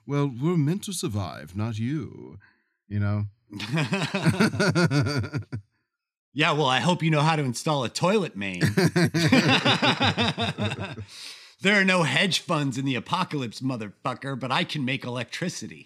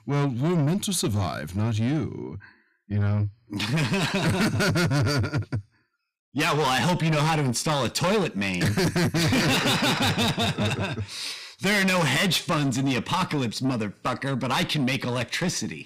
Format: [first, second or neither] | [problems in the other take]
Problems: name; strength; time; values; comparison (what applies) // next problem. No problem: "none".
first | distortion; heavy; 6 dB below the speech